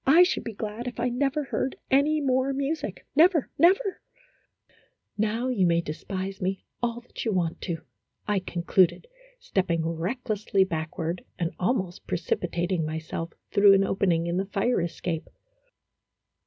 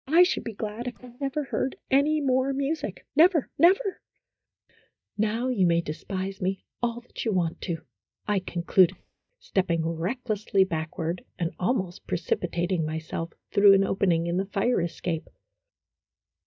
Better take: first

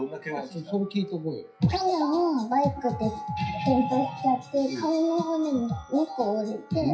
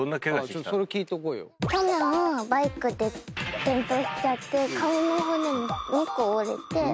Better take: second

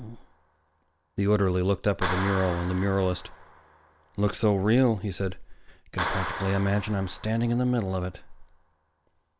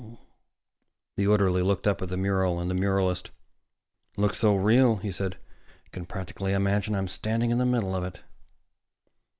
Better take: second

